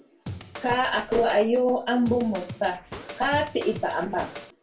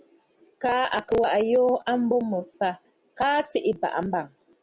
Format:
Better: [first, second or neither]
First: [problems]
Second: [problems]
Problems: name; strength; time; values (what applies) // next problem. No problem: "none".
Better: second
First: background sound (Scratching (performance technique)); 13 dB below the speech // room echo; dies away in 0.3 s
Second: none